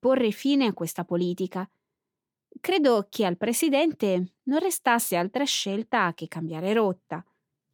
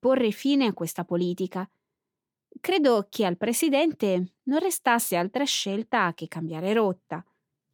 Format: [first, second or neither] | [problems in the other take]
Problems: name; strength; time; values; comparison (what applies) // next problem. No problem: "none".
neither | none